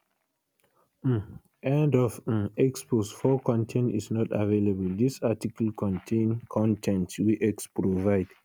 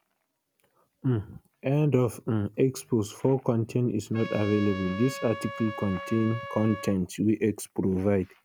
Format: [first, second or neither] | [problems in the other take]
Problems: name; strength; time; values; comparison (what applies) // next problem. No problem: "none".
first | background sound (Trumpet); 12 dB below the speech